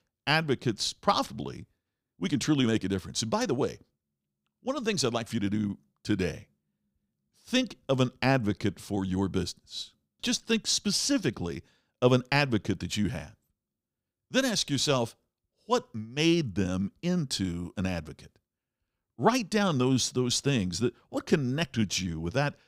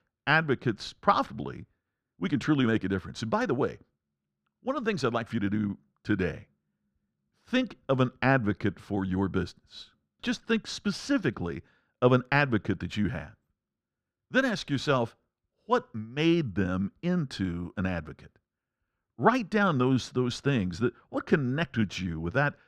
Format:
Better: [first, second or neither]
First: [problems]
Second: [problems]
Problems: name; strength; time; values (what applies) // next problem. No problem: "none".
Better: first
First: none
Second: muffled; slightly; fading above 4 kHz